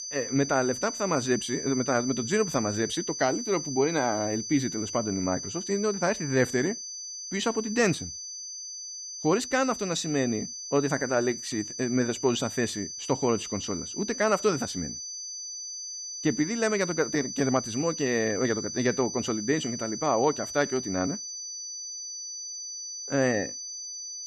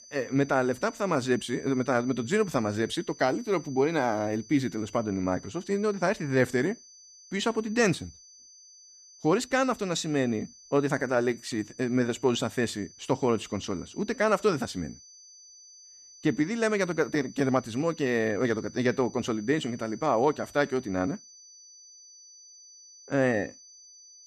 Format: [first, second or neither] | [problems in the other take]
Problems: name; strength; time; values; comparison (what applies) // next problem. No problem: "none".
second | high-pitched whine; loud; throughout; 6 kHz, 7 dB below the speech; faint in the second